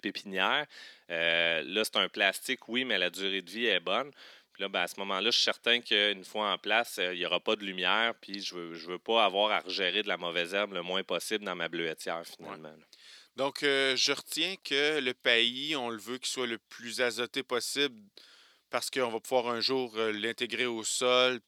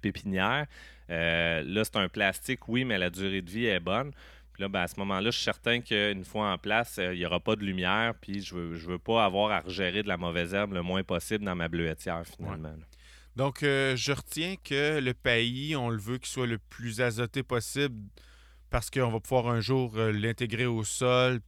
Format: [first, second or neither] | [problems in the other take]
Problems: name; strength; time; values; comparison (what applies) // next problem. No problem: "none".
second | thin; somewhat; fading below 300 Hz